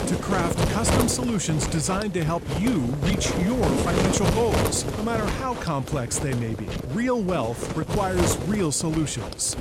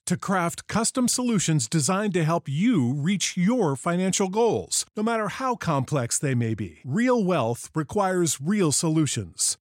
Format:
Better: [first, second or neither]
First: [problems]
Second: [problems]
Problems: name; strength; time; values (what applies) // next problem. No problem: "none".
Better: second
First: wind noise on the microphone; heavy; 2 dB below the speech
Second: none